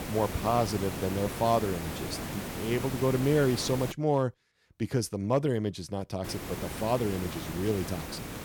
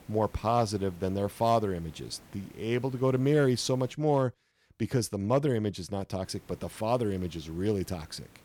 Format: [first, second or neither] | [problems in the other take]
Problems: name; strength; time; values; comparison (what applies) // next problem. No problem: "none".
second | hiss; loud; until 4 s and from 6 s on; 7 dB below the speech; faint in the second